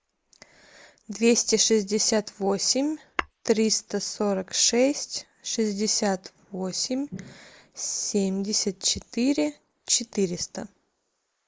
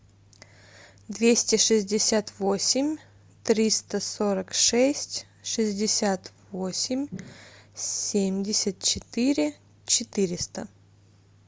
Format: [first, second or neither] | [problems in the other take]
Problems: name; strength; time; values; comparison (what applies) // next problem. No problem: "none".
second | noise reduction (neural mask model Resemble Enhance denoiser)